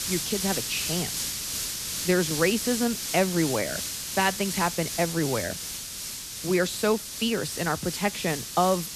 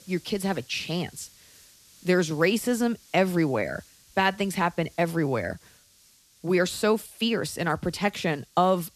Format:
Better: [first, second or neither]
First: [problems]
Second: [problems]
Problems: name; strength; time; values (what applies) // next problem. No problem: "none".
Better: second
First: hiss; loud; throughout; 3 dB below the speech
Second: hiss; faint; throughout; 25 dB below the speech